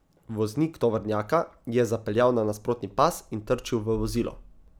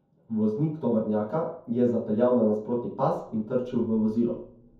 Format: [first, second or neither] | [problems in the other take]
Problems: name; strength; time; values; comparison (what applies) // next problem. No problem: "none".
first | room echo; dies away in 0.6 s